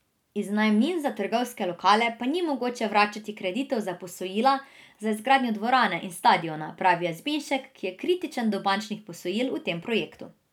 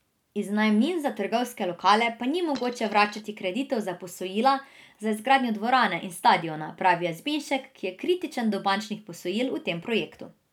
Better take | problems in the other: first | background sound (Coin (dropping)); 19 dB below the speech

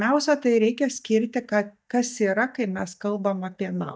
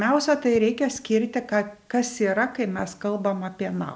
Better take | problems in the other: second | noise reduction (neural mask model DeepFilterNet 3)

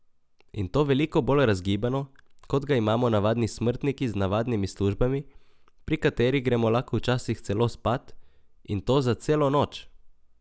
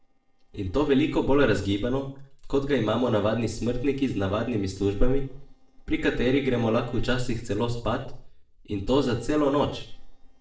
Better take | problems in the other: first | noise reduction (neural separator model SepFormer DNS4)

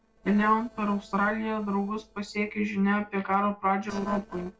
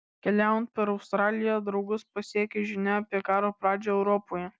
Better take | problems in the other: second | noise reduction (neural separator model SepFormer DNS4)

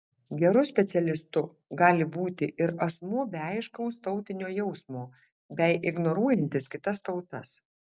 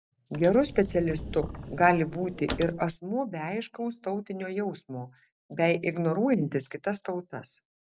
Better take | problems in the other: first | background sound (Sliding door / Slam / Wood); 10 dB below the speech

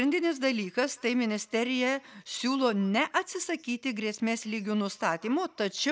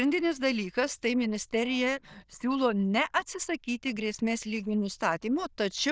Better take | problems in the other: first | noise reduction (neural diffusion model UNIVERSE++)

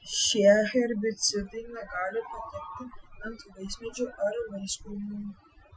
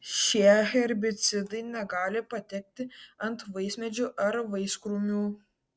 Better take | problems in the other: second | noise reduction (classical method Wiener filter)

